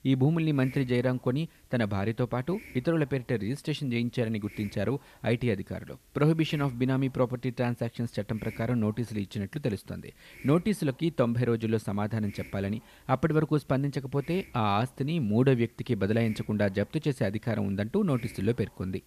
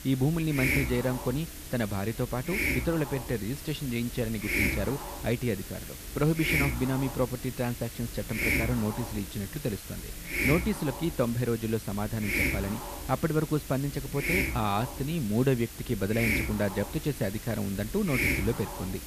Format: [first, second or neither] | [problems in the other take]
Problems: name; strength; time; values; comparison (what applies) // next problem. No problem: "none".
first | hiss; loud; throughout; 2 dB below the speech; faint in the first